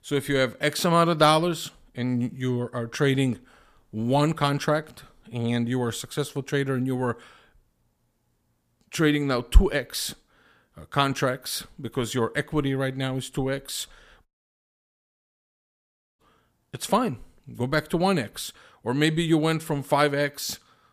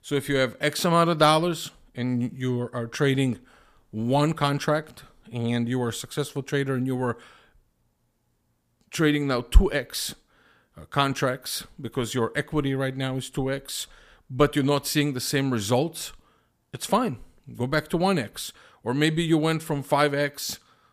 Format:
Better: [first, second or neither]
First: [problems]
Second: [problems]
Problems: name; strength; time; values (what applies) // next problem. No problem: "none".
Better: second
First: audio cutting out; at 14 s for 2 s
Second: none